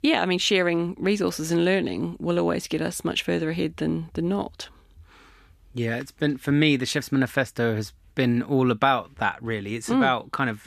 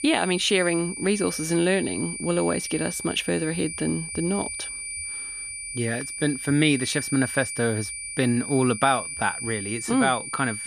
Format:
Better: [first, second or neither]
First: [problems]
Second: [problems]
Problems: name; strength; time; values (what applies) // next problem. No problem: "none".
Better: first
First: none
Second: high-pitched whine; loud; throughout; 9.5 kHz, 6 dB below the speech